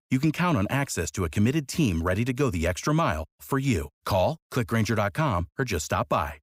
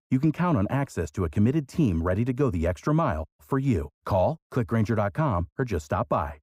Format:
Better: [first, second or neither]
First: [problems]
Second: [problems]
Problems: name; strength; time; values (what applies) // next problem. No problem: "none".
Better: first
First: none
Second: muffled; slightly; fading above 1.5 kHz